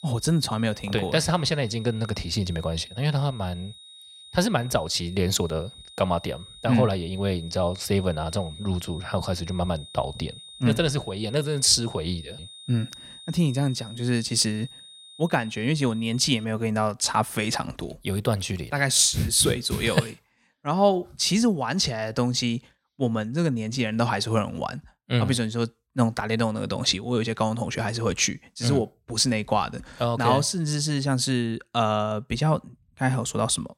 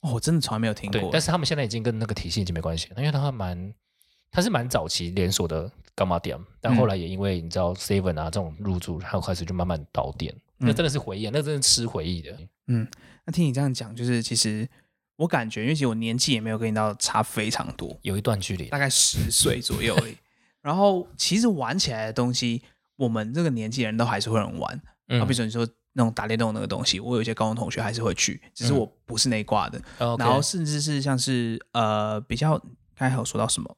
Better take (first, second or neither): second